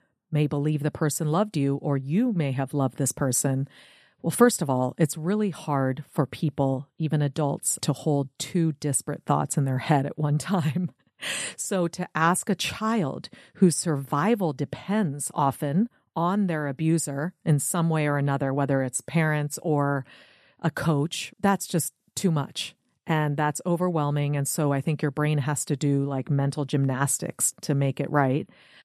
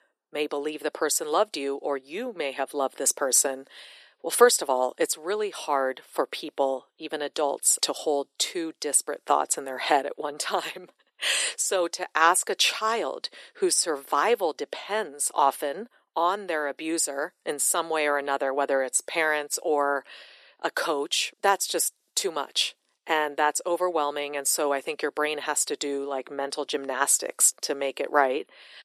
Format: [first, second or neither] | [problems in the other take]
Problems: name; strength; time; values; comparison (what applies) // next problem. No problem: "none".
first | thin; very; fading below 350 Hz